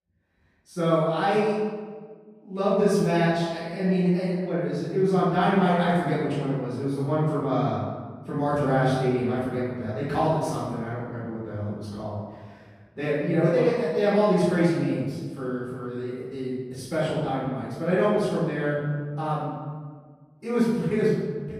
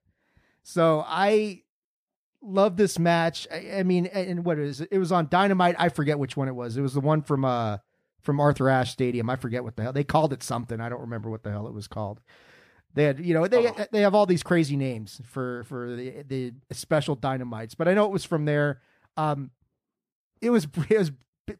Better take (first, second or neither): second